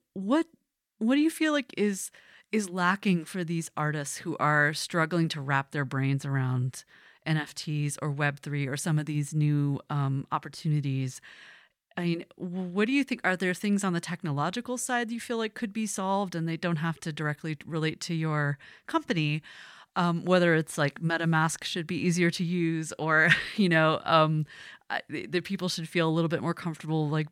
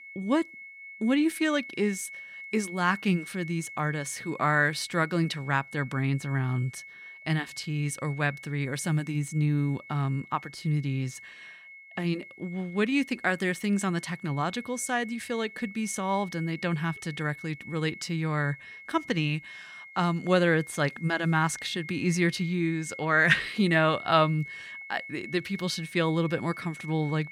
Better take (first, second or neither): first